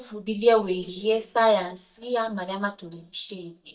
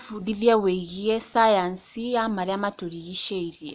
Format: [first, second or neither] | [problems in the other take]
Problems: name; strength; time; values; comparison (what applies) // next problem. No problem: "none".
second | noise reduction (neural mask model DeepFilterNet 3)